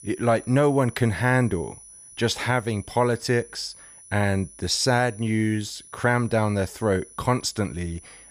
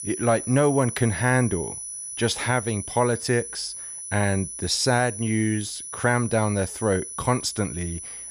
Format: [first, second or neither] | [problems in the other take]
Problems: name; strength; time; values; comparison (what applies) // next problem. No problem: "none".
first | high-pitched whine; loud; throughout; 10 kHz, 8 dB below the speech; faint in the first